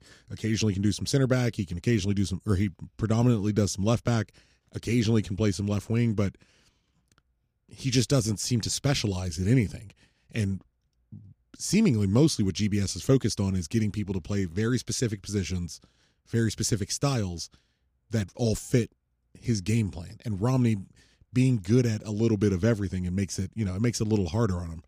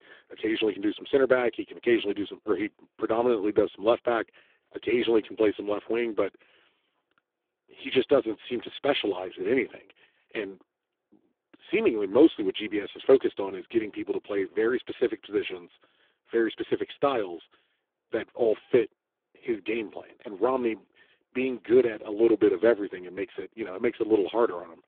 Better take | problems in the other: first | phone-call audio; poor line; nothing above 3.5 kHz

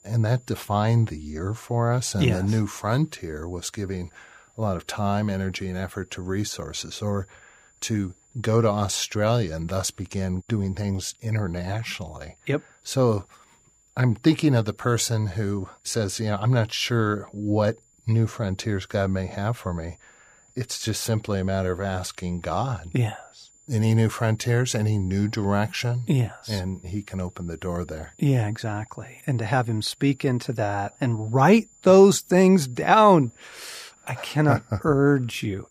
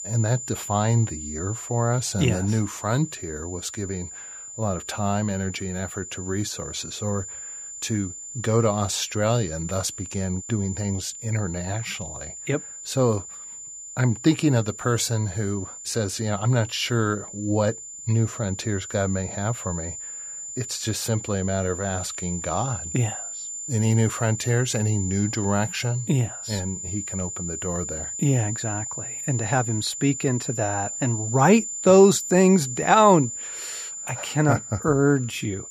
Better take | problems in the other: first | high-pitched whine; loud; throughout; 7 kHz, 8 dB below the speech; faint in the first

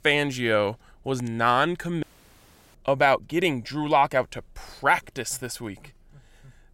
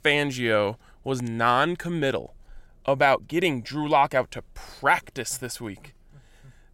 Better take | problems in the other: second | audio cutting out; at 2 s for 0.5 s

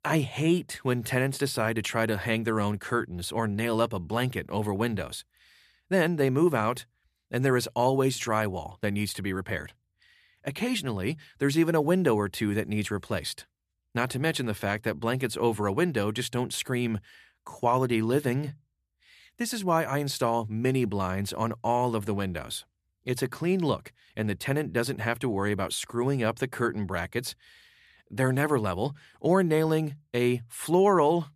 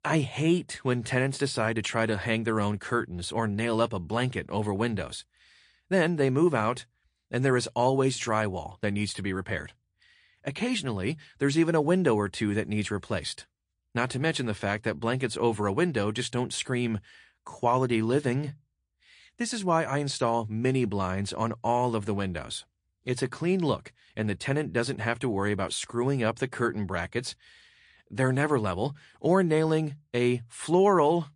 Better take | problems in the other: first | garbled, watery; slightly; nothing above 10 kHz

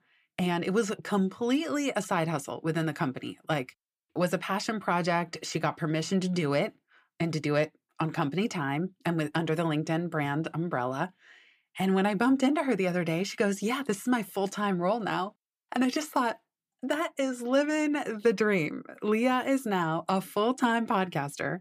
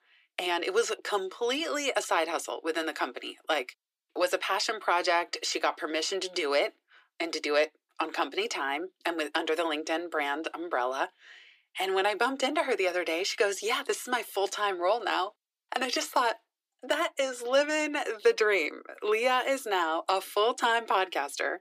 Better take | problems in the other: first | thin; very; fading below 350 Hz

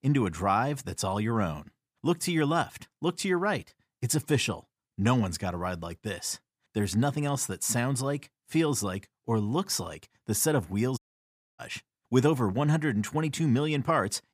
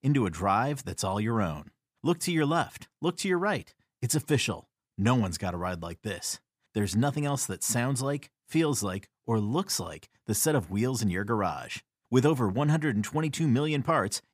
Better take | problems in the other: second | audio cutting out; at 11 s for 0.5 s

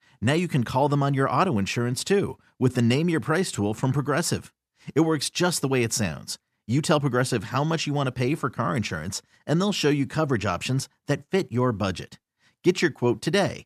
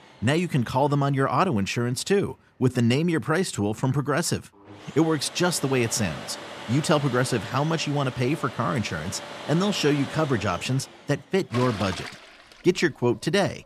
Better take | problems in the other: first | household noises; noticeable; throughout; 15 dB below the speech

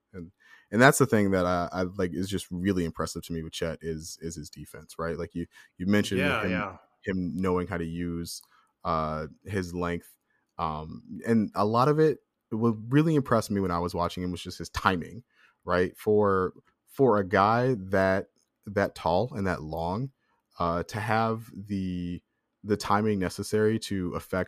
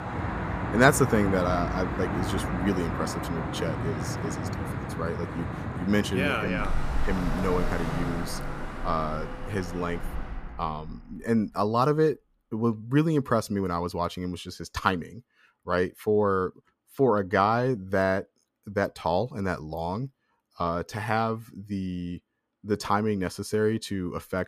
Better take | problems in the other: first | traffic noise; loud; until 10 s; 5 dB below the speech

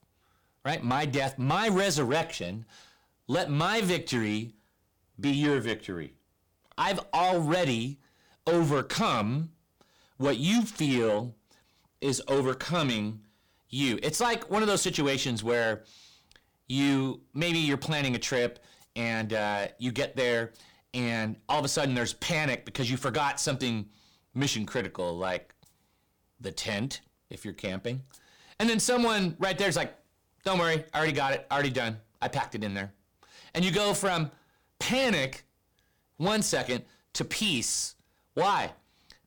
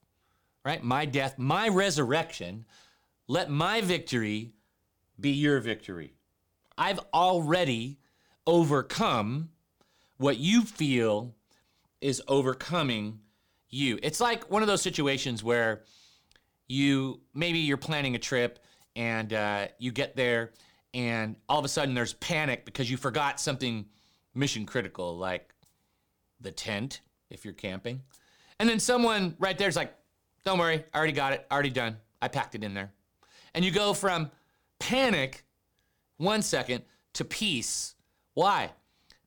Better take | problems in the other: second | distortion; slight; 10 dB below the speech

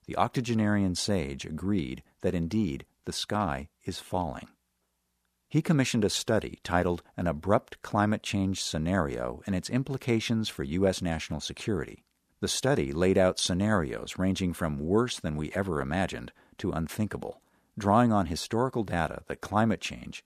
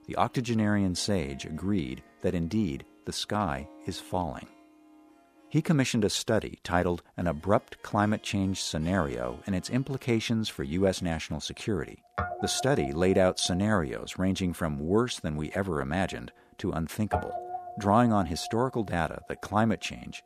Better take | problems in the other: first | background music; noticeable; throughout; 15 dB below the speech

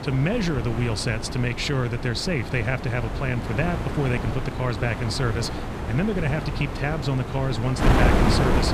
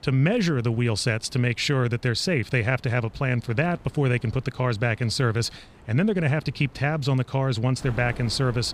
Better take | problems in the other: second | wind noise on the microphone; heavy; 2 dB below the speech; occasional gusts in the second

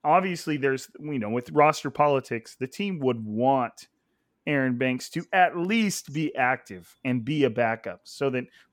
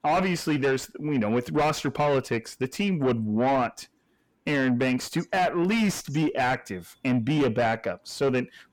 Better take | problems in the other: first | distortion; heavy; 6 dB below the speech

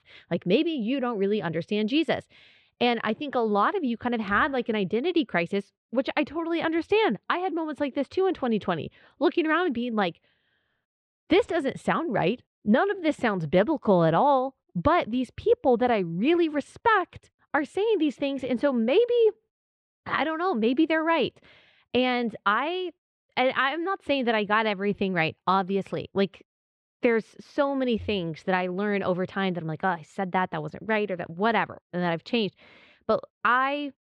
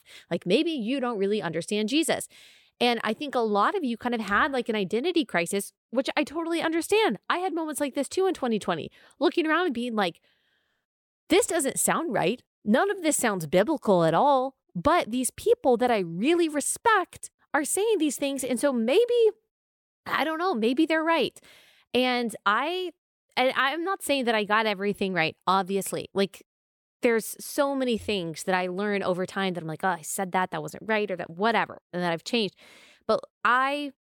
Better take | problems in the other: second | muffled; slightly; fading above 3.5 kHz

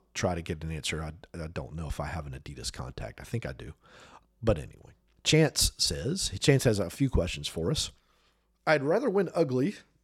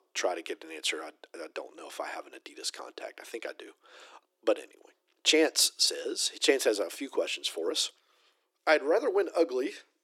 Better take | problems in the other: first | thin; very; fading below 300 Hz

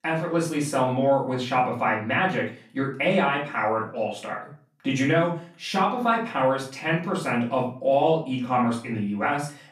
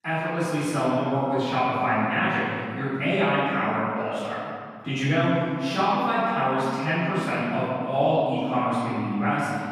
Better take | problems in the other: first | room echo; strong; dies away in 2.2 s; slight in the first // off-mic speech; far; far in the first

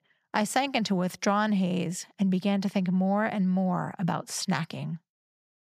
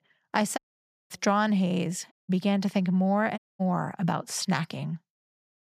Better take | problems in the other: first | audio cutting out; at 0.5 s for 0.5 s, at 2 s and at 3.5 s

